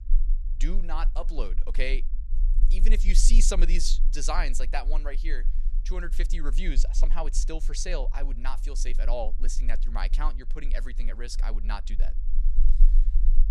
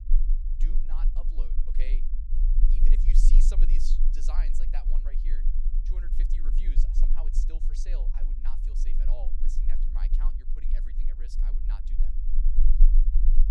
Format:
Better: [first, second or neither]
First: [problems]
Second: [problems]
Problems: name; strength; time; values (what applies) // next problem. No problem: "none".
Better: first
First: low rumble; faint; throughout; 20 dB below the speech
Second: low rumble; loud; throughout; 5 dB below the speech